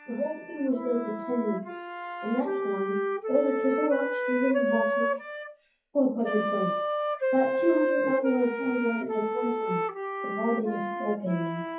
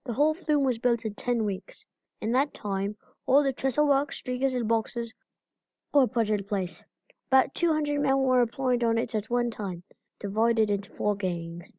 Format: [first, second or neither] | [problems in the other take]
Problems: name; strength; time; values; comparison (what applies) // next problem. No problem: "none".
second | noise reduction (classical method WPE with log-MMSE)